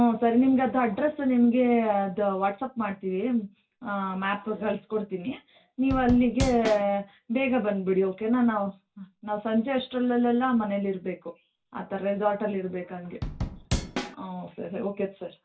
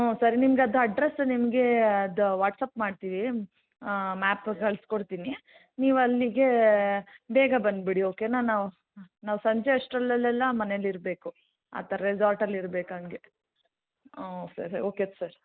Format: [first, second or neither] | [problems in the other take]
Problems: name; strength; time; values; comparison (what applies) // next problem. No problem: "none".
second | background sound (Drum / Drum kit); 5 dB below the speech // room echo; dies away in 0.2 s